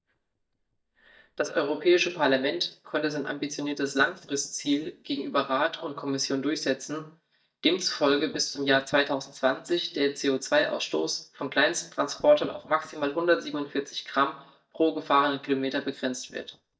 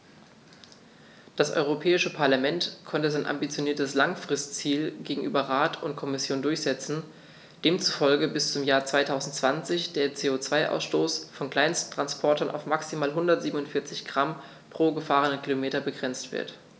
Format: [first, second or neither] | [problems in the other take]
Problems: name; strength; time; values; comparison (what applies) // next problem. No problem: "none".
second | noise reduction (neural mask model DeepFilterNet 3)